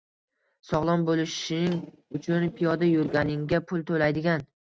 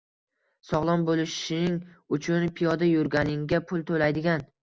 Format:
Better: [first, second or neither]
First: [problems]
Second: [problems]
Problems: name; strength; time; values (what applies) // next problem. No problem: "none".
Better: second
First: noise reduction (neural mask model RNNoise)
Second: none